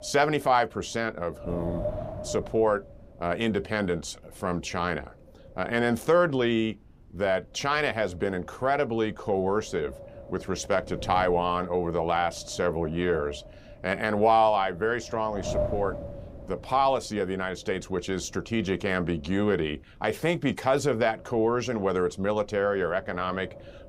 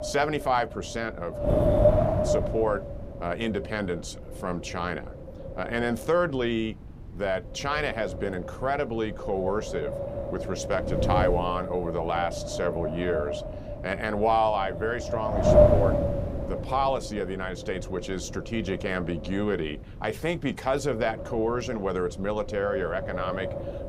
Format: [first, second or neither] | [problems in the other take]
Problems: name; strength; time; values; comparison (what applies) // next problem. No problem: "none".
first | wind noise on the microphone; heavy; as loud as the speech; occasional gusts in the first